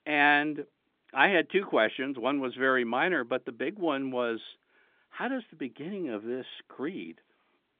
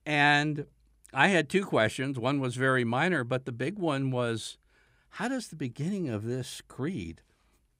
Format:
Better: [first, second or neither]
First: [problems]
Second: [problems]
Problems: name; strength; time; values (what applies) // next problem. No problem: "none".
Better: second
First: phone-call audio; nothing above 3.5 kHz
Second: none